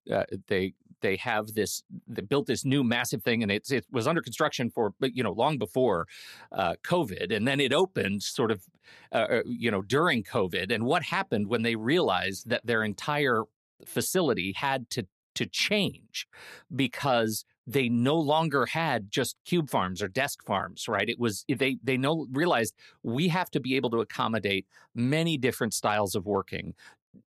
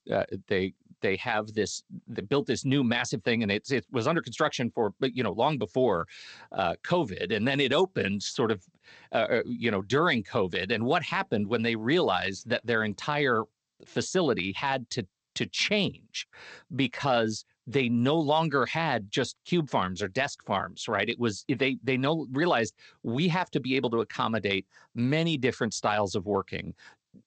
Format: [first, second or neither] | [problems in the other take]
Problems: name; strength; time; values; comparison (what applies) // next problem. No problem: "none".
first | garbled, watery; slightly; nothing above 8 kHz